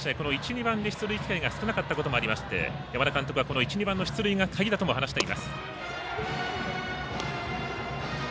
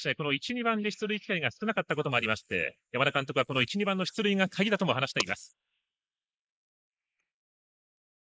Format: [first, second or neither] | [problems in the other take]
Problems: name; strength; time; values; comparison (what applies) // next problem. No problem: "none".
first | noise reduction (neural mask model Resemble Enhance denoiser)